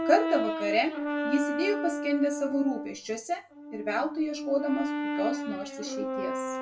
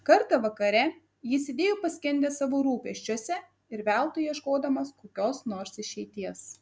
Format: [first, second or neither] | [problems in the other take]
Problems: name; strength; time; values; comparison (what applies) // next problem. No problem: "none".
second | background sound (Brass instrument); 3 dB below the speech // room echo; dies away in 0.2 s